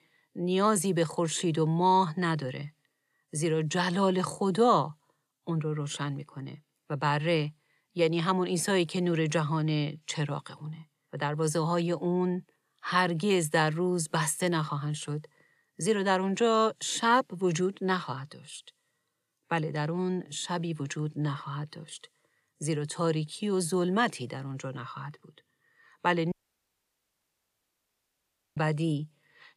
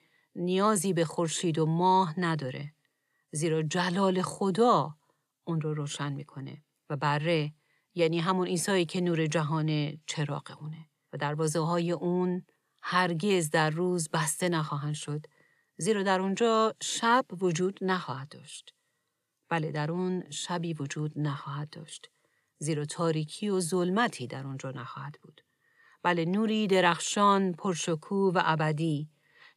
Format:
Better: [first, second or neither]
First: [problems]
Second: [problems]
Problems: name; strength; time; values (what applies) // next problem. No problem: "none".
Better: second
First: audio cutting out; at 26 s for 2 s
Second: none